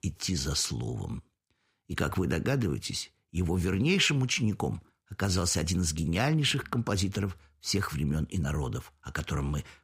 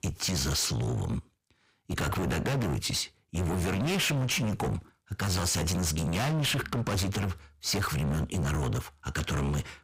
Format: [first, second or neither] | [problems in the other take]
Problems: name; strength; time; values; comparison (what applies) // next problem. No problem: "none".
first | distortion; heavy; 31% of the sound clipped